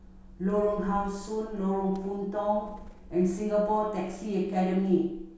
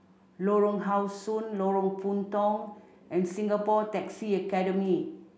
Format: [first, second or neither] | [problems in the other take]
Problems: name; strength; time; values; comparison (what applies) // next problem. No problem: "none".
second | background sound (Bird); 18 dB below the speech // room echo; dies away in 0.6 s